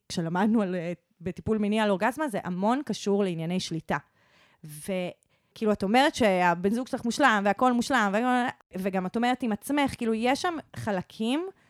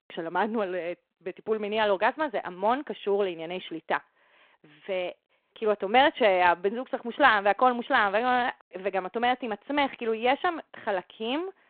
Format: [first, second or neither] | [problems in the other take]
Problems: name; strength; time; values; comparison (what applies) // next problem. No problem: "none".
first | phone-call audio